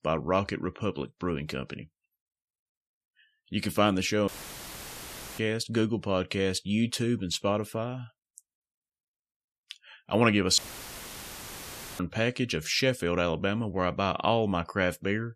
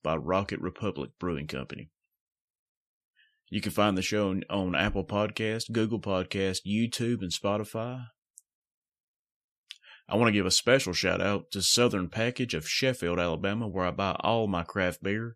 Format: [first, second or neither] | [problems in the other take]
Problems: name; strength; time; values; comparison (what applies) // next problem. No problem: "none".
second | audio cutting out; filled with static; at 4.5 s for 1 s and at 11 s for 1.5 s